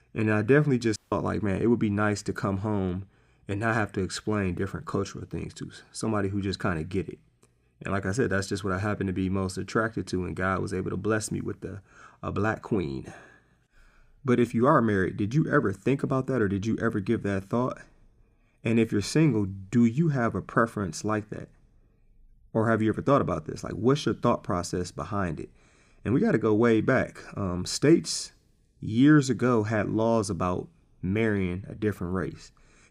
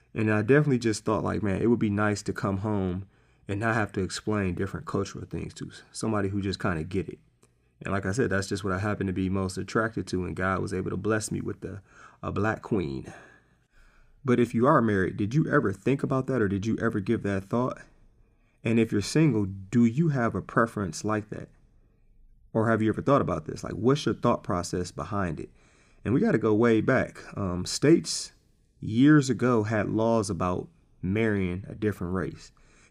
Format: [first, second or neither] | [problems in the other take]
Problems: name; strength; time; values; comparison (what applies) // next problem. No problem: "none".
second | audio cutting out; at 1 s